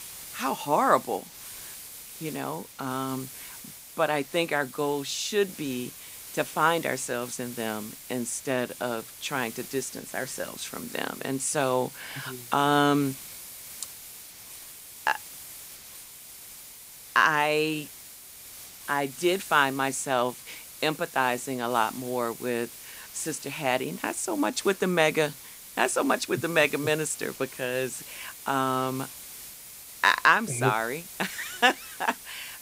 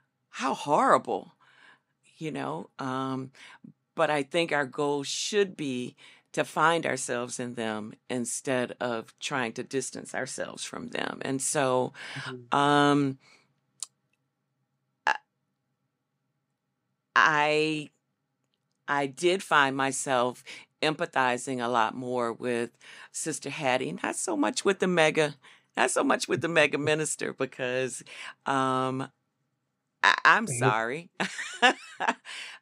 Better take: second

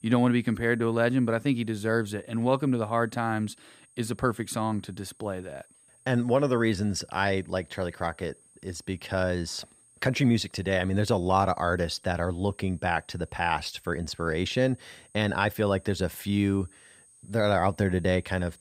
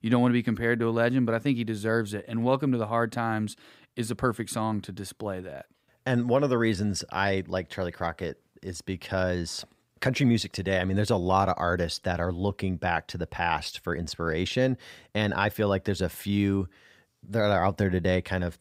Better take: second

